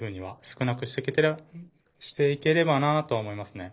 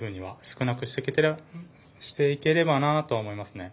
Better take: second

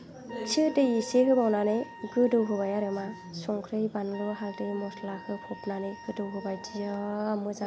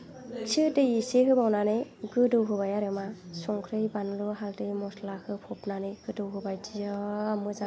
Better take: second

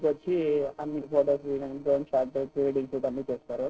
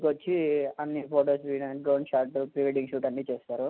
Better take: second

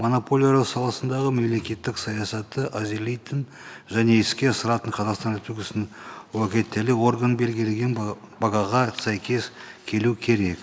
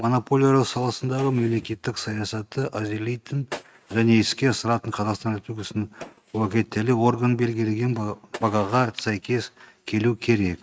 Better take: first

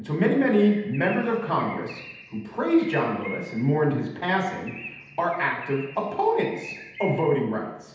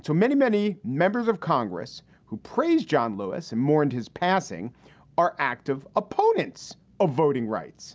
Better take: second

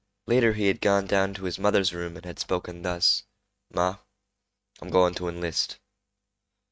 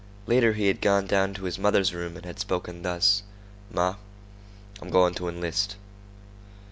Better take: second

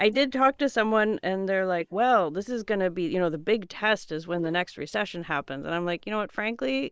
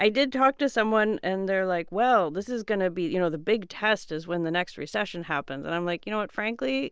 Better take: second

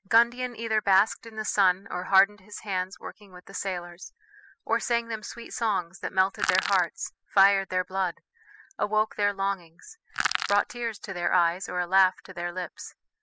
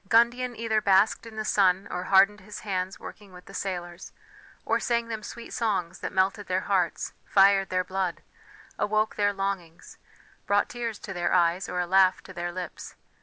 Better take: second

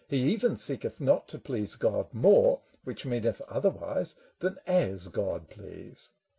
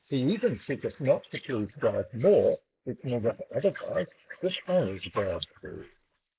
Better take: first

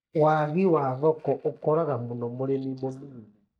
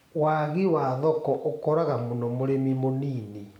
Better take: second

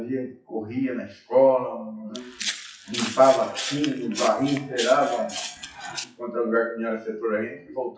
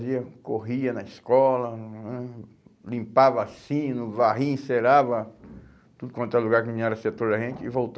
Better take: second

